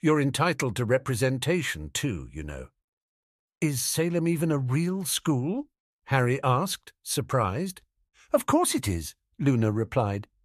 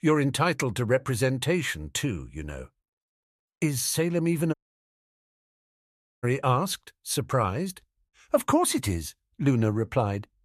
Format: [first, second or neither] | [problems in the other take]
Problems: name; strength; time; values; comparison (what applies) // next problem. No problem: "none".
first | audio cutting out; at 4.5 s for 1.5 s